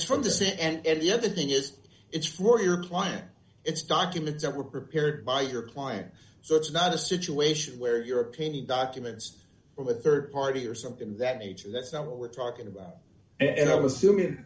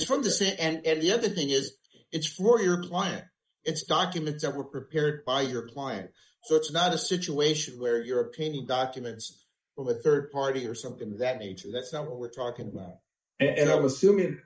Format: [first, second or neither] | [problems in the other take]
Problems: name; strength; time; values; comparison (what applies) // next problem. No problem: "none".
first | noise reduction (neural mask model Resemble Enhance denoiser)